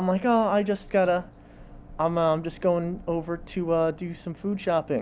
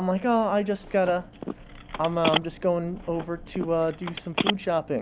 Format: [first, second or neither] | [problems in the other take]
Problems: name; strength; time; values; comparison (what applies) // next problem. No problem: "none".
first | background sound (Telephone); 7 dB below the speech